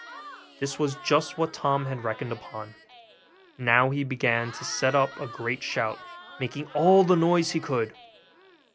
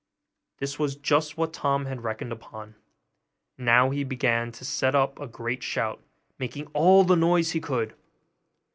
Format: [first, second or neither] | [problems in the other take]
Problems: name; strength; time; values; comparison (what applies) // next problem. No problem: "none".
second | background sound (Crowd / Cheering); 19 dB below the speech